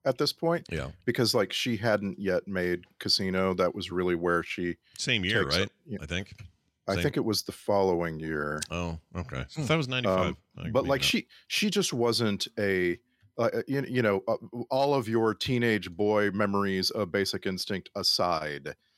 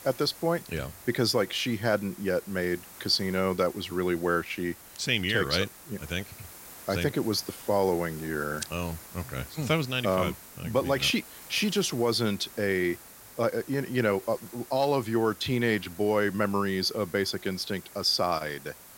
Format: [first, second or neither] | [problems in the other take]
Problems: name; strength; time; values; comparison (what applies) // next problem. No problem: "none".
first | hiss; noticeable; throughout; 15 dB below the speech